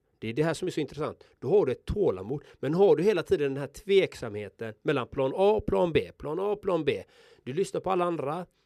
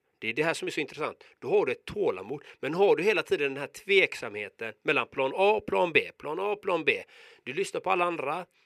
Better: first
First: none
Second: thin; very slightly; fading below 500 Hz

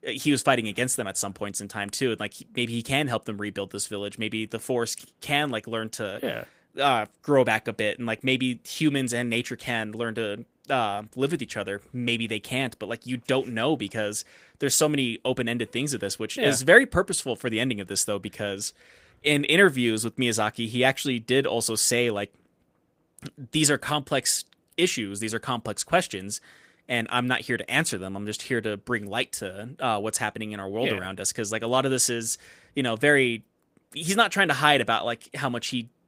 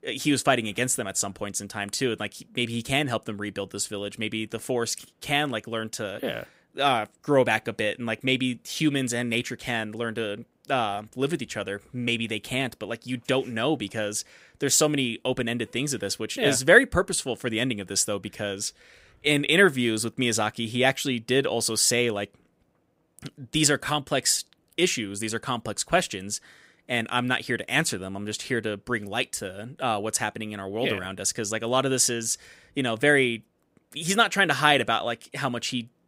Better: second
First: garbled, watery; slightly; nothing above 15.5 kHz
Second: none

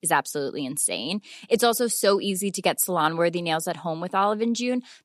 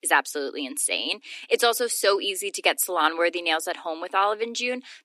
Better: first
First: none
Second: thin; somewhat; fading below 250 Hz

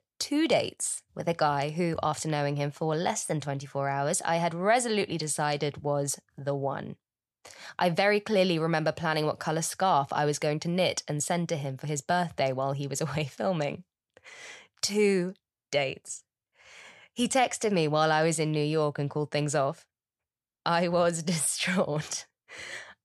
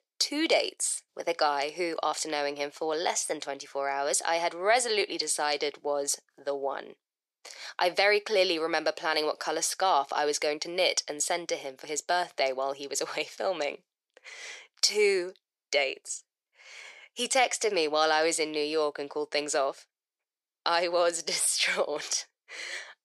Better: first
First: none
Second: thin; very; fading below 350 Hz

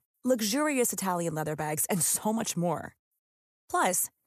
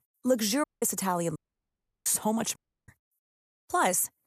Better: first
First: none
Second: audio cutting out; at 0.5 s, at 1.5 s for 0.5 s and at 2.5 s

